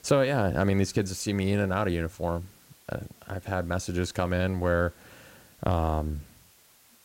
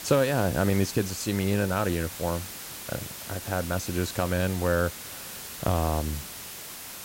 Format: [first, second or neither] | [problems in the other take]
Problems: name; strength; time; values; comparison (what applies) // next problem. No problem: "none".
first | hiss; loud; throughout; 9 dB below the speech; faint in the first